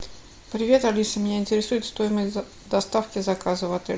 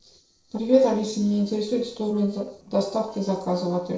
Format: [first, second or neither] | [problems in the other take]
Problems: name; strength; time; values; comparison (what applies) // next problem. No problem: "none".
first | noise reduction (neural separator model SepFormer DNS4)